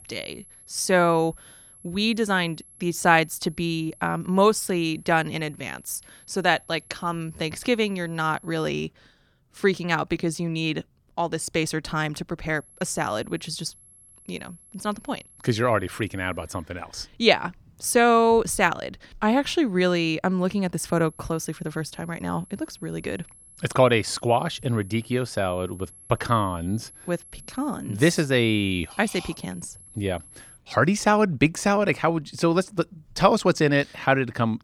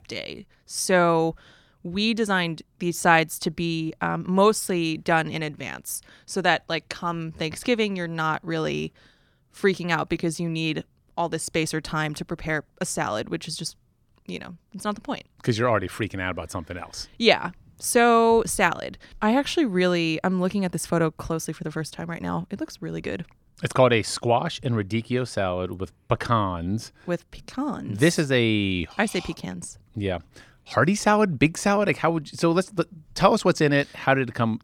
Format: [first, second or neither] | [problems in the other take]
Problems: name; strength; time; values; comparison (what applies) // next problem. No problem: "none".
second | high-pitched whine; faint; until 8.5 s, from 13 to 17 s and from 21 to 31 s; 11 kHz, 25 dB below the speech